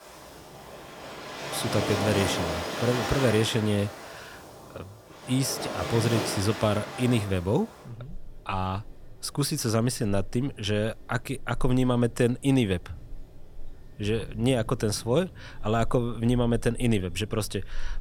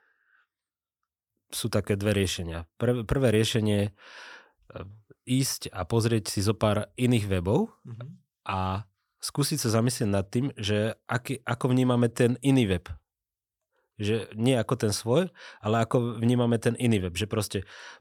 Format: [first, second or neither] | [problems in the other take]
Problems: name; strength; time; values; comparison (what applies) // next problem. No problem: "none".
second | rain or running water; loud; throughout; 7 dB below the speech